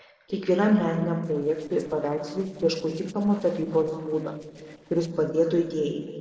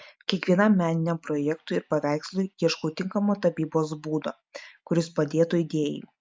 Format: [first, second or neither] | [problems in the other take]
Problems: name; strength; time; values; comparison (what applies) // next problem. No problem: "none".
second | noise reduction (neural separator model SepFormer DNS4)